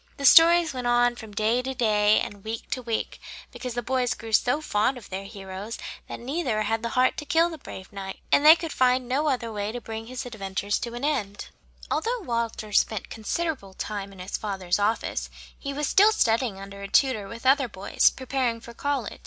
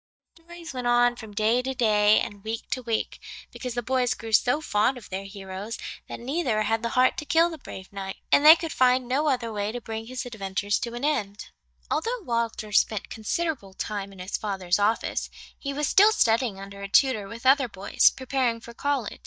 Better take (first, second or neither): first